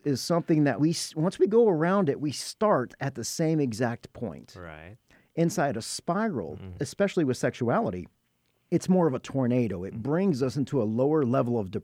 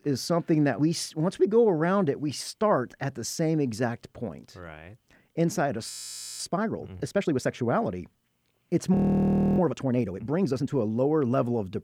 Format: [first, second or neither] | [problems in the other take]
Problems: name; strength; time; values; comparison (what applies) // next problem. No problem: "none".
first | audio freezing; at 6 s and at 9 s for 0.5 s